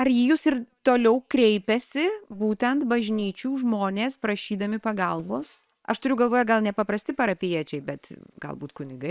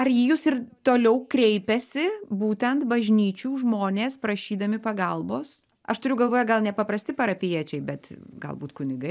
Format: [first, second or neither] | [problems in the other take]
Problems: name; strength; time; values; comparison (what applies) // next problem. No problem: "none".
second | noise reduction (neural separator model SepFormer WHAM!)